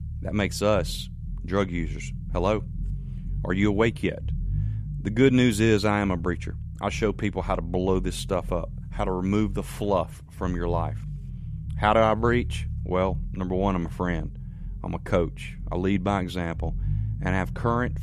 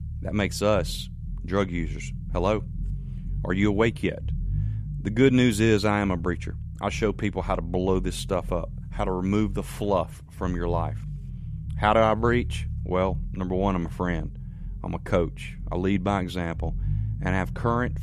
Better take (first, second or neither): neither